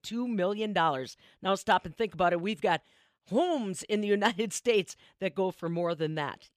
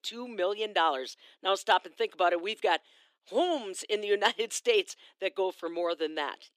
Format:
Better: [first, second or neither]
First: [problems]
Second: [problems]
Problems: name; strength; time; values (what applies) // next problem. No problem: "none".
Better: first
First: none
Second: thin; somewhat; fading below 300 Hz